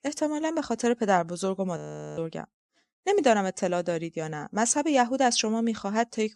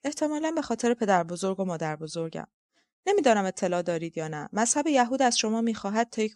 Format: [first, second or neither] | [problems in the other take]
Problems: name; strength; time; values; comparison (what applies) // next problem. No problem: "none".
second | audio freezing; at 2 s